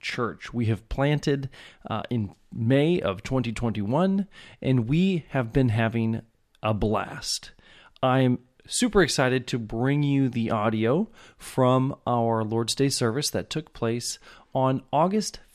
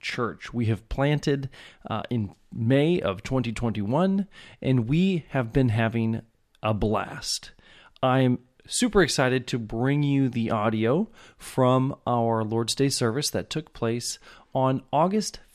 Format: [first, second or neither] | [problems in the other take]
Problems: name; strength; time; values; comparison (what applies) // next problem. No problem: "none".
neither | none